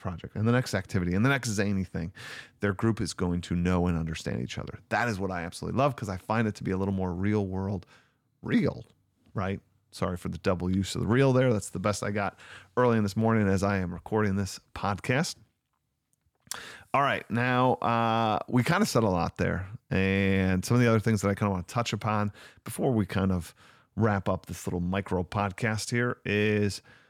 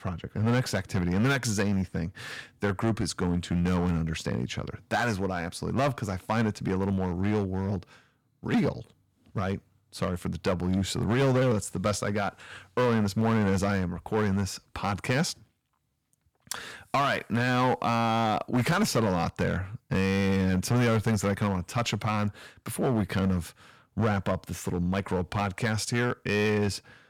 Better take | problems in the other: first | distortion; slight; 8% of the sound clipped

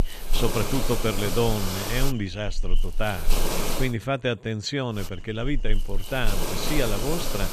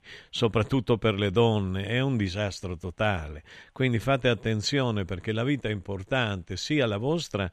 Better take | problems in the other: second | hiss; loud; until 4 s and from 5 s on; 2 dB below the speech

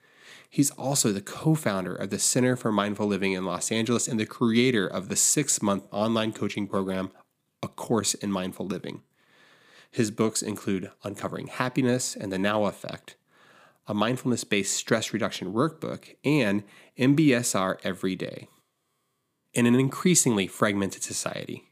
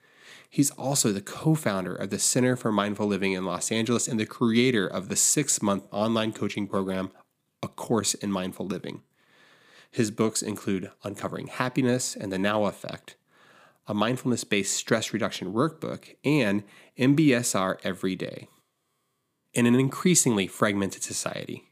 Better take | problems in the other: neither | none

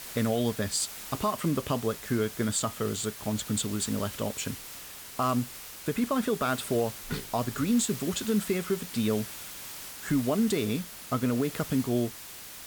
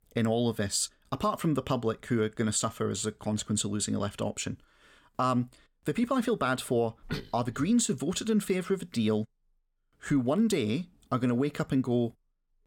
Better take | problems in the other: second | hiss; loud; throughout; 10 dB below the speech

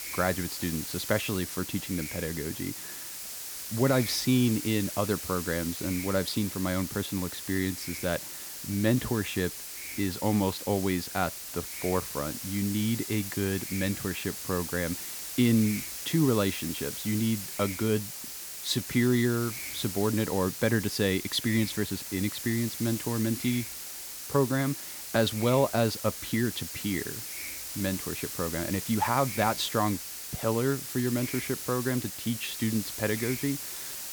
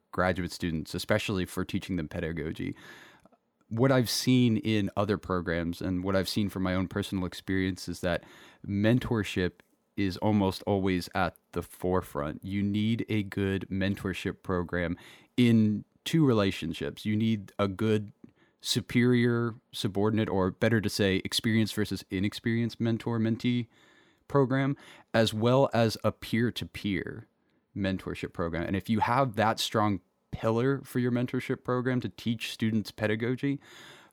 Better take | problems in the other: second | hiss; loud; throughout; 6 dB below the speech

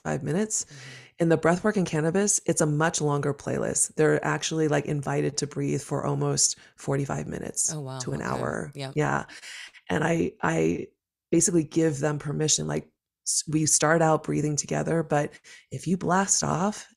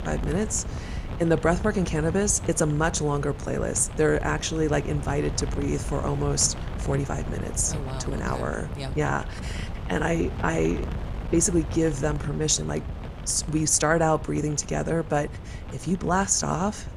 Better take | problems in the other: first | wind noise on the microphone; occasional gusts; 15 dB below the speech

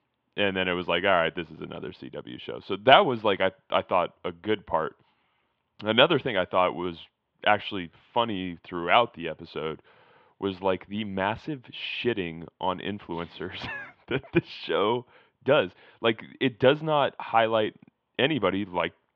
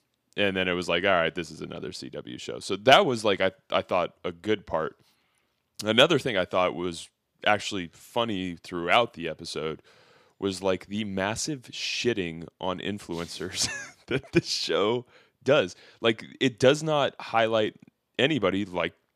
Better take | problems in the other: second | muffled; very; fading above 3 kHz

